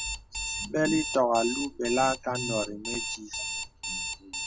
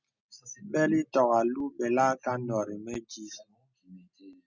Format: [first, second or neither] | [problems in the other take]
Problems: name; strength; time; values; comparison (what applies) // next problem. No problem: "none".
second | background sound (Alarm); 5 dB below the speech